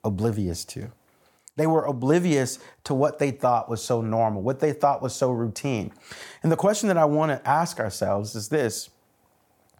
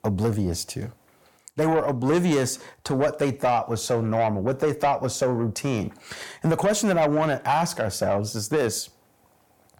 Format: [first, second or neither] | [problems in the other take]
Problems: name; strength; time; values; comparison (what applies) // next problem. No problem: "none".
first | distortion; slight; 10 dB below the speech